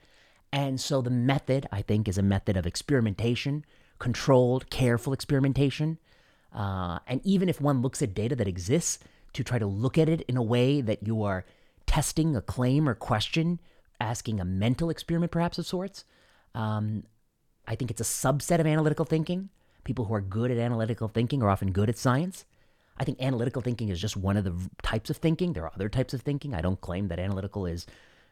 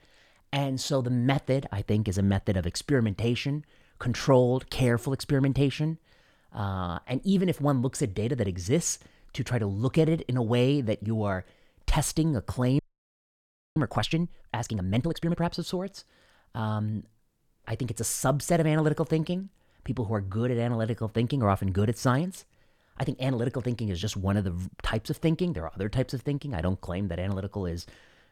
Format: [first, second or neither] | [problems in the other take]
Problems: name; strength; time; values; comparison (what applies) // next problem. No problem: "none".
first | audio freezing; at 13 s for 1 s